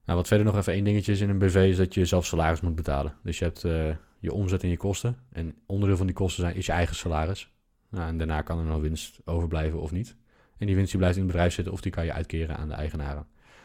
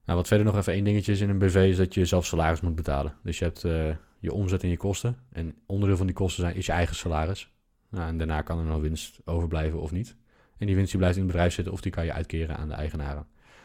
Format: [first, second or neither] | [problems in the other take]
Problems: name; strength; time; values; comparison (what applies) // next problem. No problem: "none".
neither | none